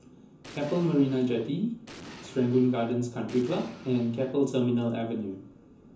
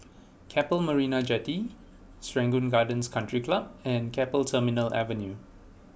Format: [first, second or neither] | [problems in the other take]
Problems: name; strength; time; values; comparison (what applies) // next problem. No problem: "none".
second | background sound (Explosion); 18 dB below the speech // room echo; dies away in 0.6 s